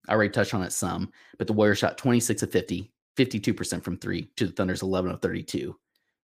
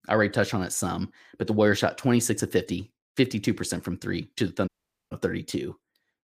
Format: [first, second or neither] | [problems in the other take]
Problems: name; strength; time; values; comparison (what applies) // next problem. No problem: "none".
first | audio cutting out; at 4.5 s